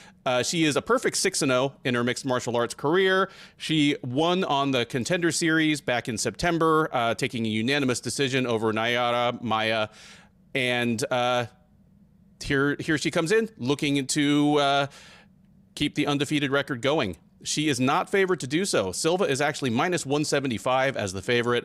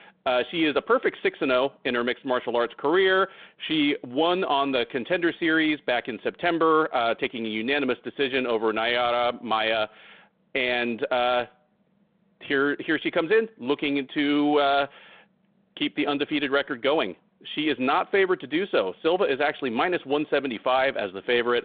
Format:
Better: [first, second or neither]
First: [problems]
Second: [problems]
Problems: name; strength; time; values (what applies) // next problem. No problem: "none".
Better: first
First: none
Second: phone-call audio